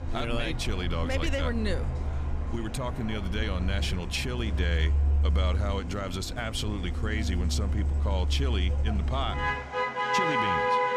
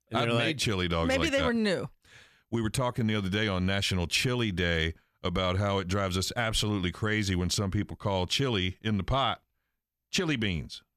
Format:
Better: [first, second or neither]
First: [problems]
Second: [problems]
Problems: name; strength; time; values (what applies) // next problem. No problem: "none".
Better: second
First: traffic noise; very loud; throughout; 3 dB above the speech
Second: none